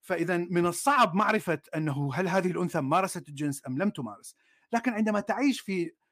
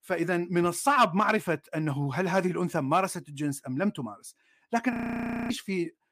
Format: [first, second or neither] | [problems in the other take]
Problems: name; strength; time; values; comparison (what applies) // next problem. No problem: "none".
first | audio freezing; at 5 s for 0.5 s